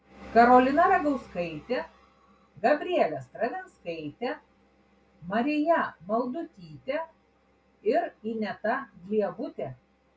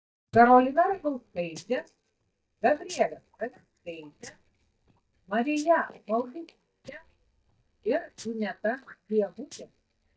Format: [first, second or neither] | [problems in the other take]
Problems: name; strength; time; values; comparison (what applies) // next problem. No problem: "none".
first | noise reduction (neural mask model DeepFilterNet 3)